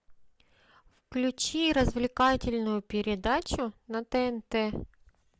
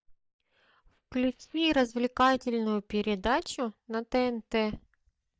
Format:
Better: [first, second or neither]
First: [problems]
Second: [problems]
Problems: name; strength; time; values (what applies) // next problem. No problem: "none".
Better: first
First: none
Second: noise reduction (neural mask model DeepFilterNet 3)